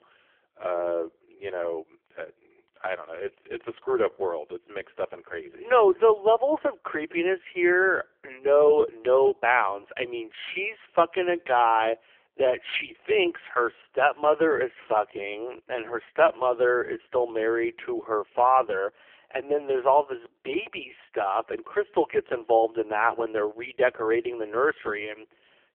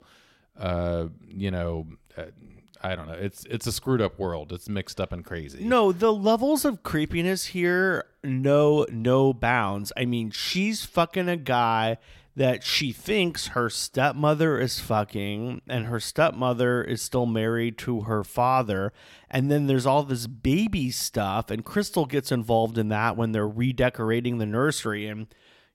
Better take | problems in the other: second | phone-call audio; poor line; nothing above 3.5 kHz

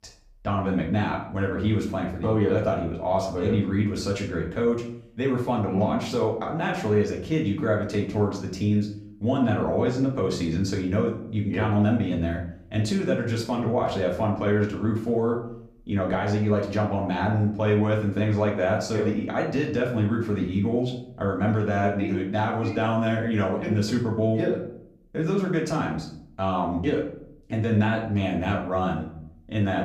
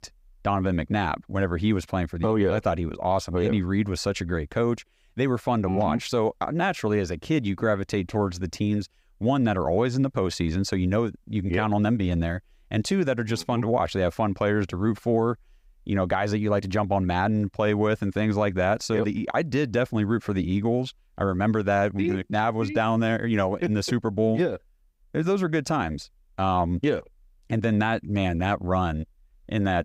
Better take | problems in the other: second | off-mic speech; far // room echo; slight; dies away in 0.5 s

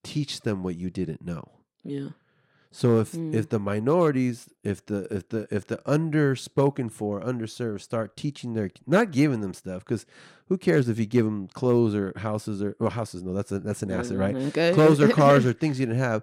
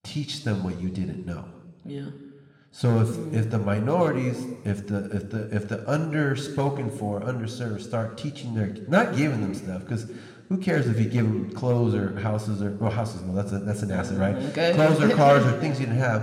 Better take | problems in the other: first | room echo; slight; dies away in 1.4 s

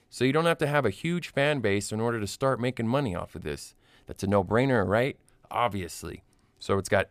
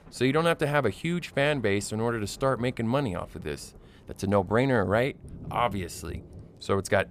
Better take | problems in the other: first | rain or running water; faint; throughout; 20 dB below the speech

